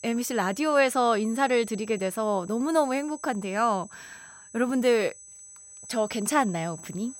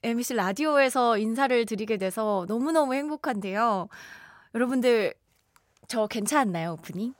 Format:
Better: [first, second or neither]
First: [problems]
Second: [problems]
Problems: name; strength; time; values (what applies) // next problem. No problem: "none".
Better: second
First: high-pitched whine; noticeable; throughout; 8 kHz, 15 dB below the speech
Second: none